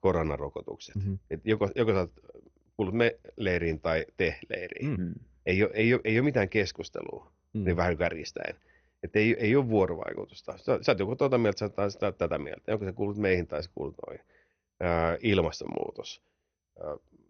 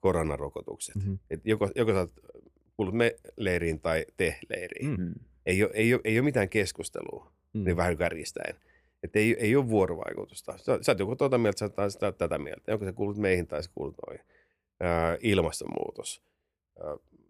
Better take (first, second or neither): second